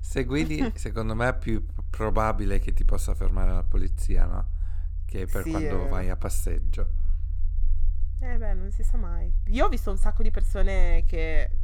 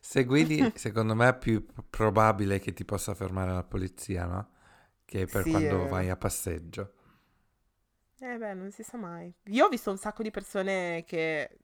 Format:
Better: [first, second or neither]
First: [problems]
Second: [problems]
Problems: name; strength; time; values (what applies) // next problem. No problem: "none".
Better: second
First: low rumble; faint; throughout; 20 dB below the speech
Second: none